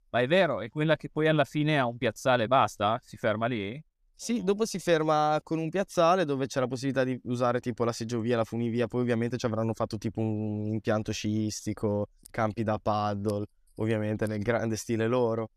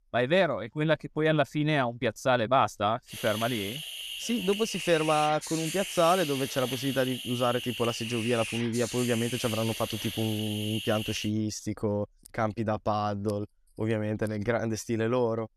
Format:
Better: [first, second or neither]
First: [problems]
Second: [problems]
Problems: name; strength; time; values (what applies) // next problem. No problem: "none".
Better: first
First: none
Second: hiss; loud; from 3 to 11 s; 6 dB below the speech